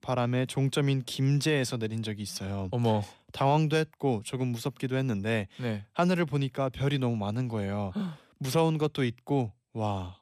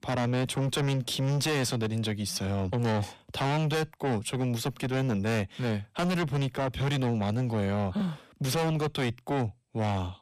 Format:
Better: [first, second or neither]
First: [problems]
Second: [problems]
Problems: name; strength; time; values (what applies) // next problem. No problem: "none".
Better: first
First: none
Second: distortion; heavy; 7 dB below the speech